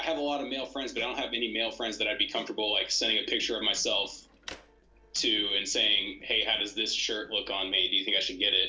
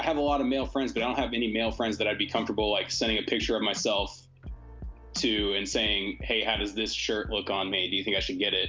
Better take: second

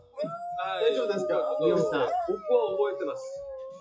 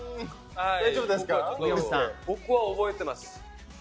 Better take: second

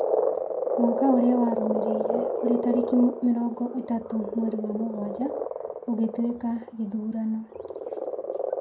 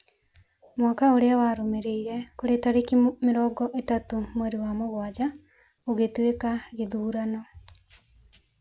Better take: second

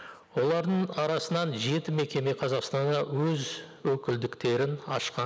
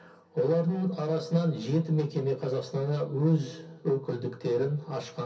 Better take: first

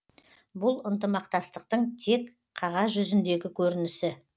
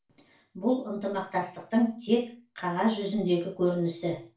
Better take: first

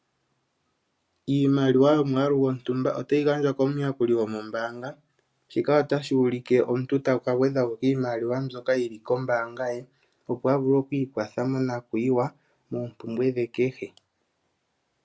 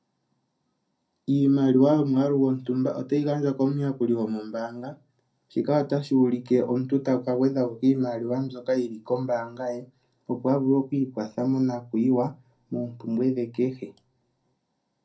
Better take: first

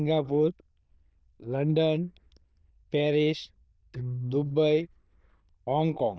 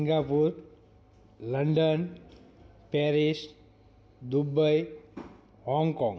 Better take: second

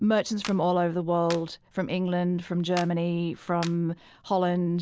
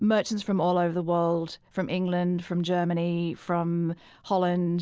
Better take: second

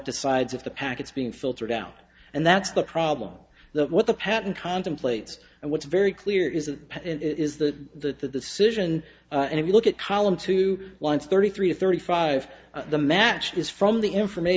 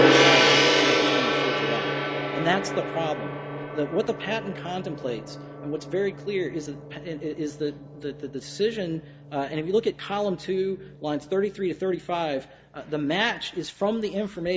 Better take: first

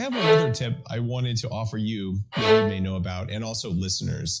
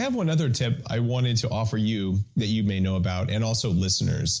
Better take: second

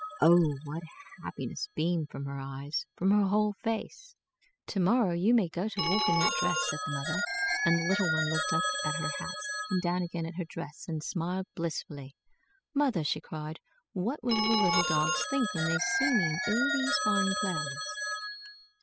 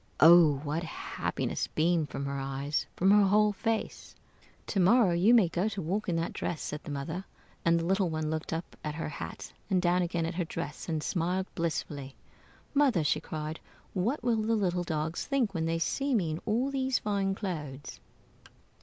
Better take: second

